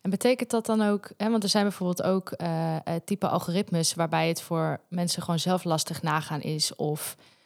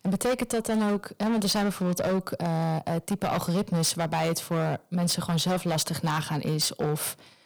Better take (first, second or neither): first